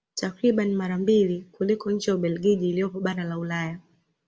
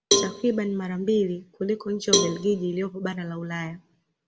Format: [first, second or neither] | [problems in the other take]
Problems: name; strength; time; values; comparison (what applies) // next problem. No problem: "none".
first | background sound (Cowbell); 2 dB below the speech